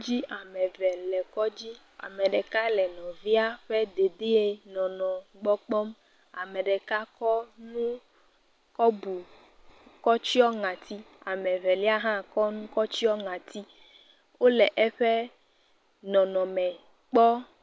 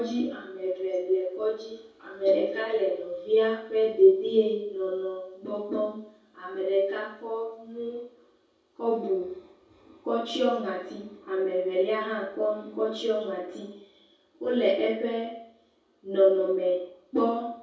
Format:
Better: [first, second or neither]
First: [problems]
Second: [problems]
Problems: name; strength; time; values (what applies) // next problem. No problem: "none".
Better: first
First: none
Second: room echo; dies away in 0.6 s